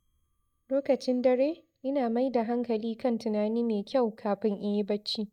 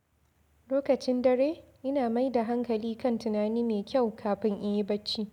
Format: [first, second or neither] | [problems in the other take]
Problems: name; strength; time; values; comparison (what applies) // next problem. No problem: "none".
second | noise reduction (neural mask model DeepFilterNet 3)